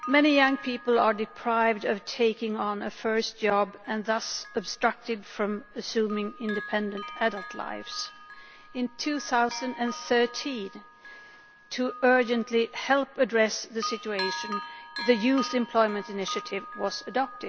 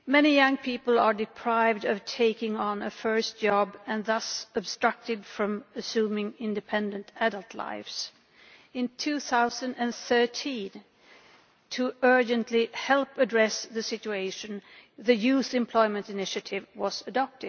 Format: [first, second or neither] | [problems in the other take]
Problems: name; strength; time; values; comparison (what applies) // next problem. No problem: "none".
second | background sound (Bell); 14 dB below the speech